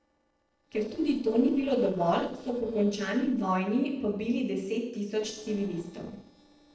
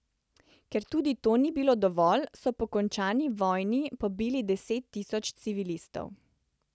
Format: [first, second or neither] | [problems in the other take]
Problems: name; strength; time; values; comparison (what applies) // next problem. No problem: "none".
second | noise reduction (neural separator model SepFormer DNS4)